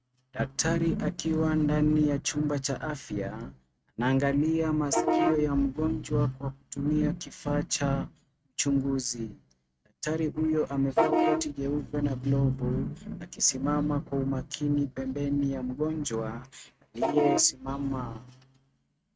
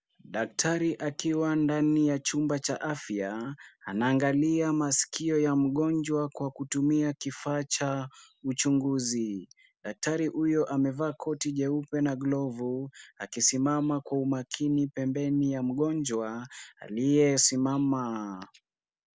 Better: second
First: noise reduction (neural mask model RNNoise)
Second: none

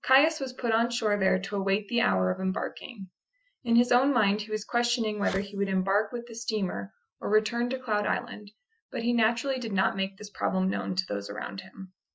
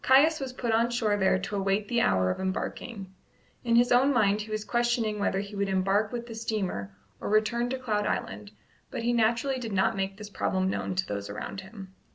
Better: second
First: noise reduction (classical method Wiener filter)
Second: none

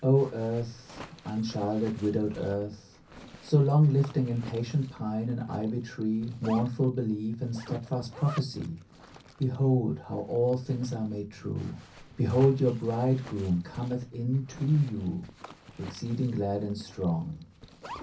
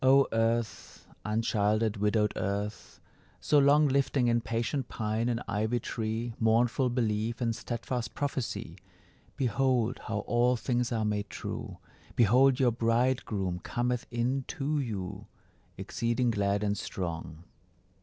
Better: second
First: background sound (Zipper (clothing)); 20 dB below the speech // room echo; dies away in 0.3 s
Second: none

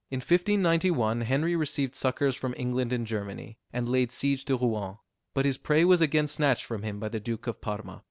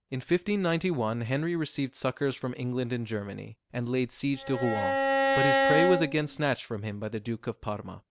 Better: first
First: none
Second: background sound (Bowed string instrument); 3 dB above the speech

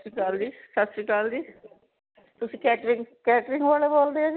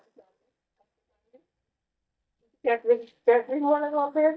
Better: first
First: none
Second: noise reduction (neural mask model DeepFilterNet 3)

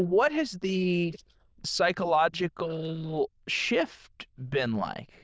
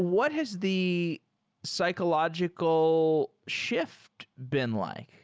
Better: second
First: noise reduction (neural diffusion model UNIVERSE++)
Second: none

